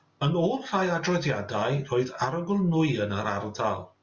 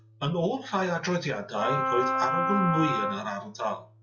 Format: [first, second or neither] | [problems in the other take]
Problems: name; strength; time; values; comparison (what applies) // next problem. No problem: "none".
first | noise reduction (classical method log-MMSE)